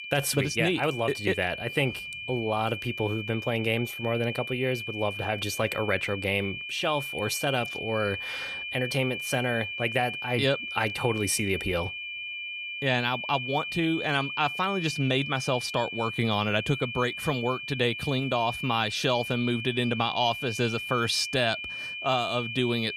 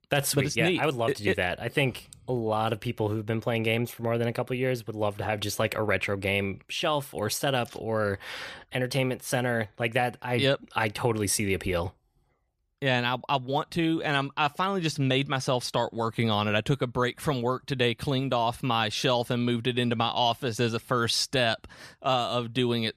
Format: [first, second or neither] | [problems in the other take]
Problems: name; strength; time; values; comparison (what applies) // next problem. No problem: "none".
second | high-pitched whine; loud; throughout; 2.5 kHz, 6 dB below the speech